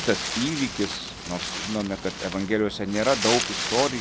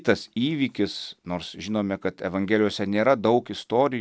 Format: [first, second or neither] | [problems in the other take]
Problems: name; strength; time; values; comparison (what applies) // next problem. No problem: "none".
second | background sound (Wind); 5 dB below the speech